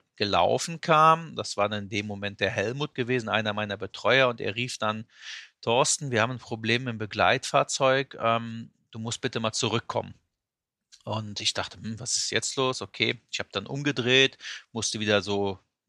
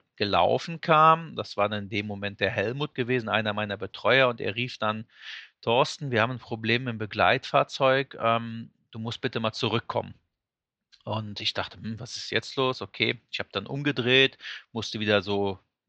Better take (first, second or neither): first